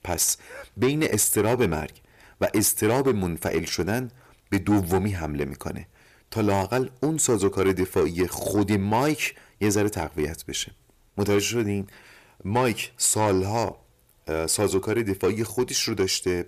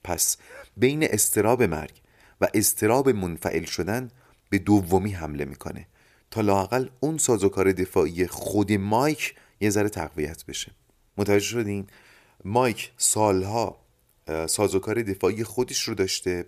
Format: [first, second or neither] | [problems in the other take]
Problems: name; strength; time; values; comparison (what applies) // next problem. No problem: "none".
second | distortion; slight; 10 dB below the speech